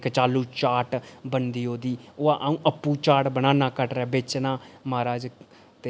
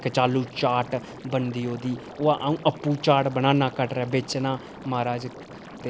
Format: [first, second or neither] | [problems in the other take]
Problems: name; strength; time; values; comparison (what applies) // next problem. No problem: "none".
first | background sound (Liquid); 17 dB below the speech